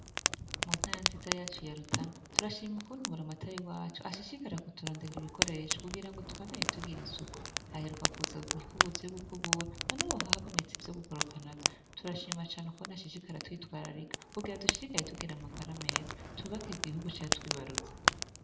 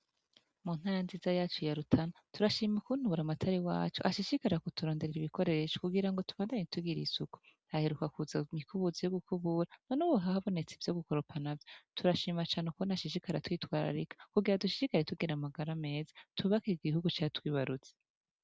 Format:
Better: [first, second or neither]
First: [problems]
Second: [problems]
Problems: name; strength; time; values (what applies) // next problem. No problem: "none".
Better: second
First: background sound (Fire); 5 dB above the speech // room echo; dies away in 0.6 s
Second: none